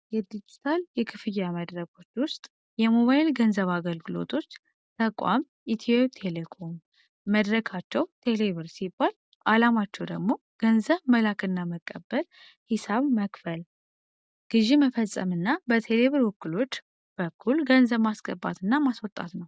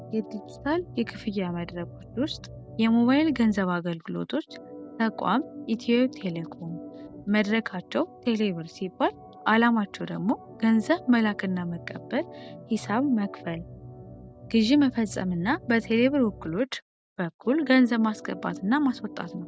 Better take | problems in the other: first | background sound (Organ); 17 dB below the speech

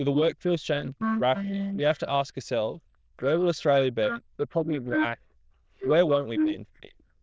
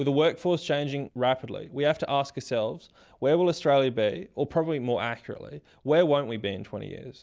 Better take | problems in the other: second | noise reduction (neural diffusion model UNIVERSE++)

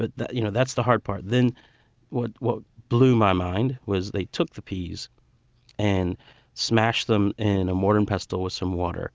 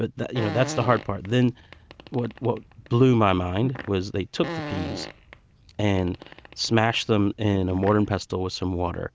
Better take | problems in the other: first | background sound (Fart); 14 dB below the speech

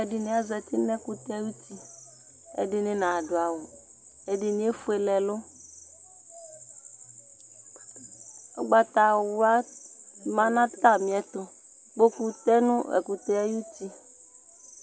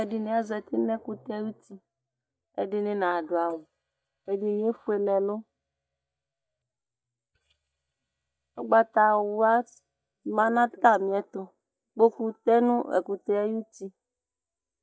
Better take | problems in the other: first | noise reduction (neural mask model DeepFilterNet 3)

